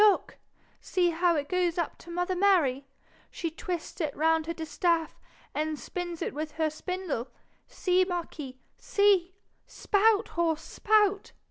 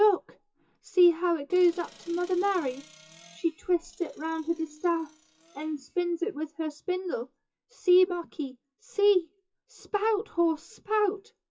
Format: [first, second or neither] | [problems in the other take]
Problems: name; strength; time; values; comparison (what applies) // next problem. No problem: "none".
first | noise reduction (classical method WPE with log-MMSE)